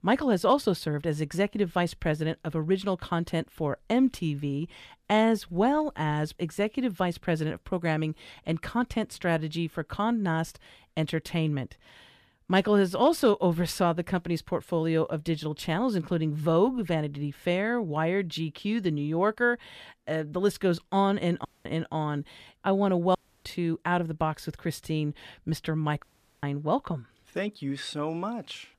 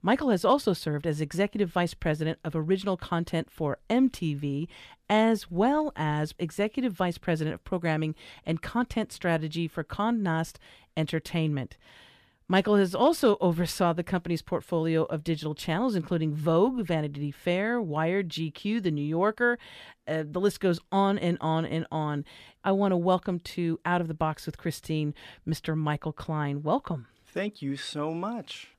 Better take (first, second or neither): second